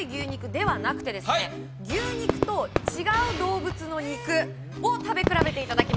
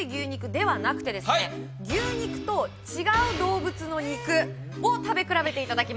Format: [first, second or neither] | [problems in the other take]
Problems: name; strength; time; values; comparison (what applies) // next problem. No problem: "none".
second | background sound (Fireworks); 4 dB below the speech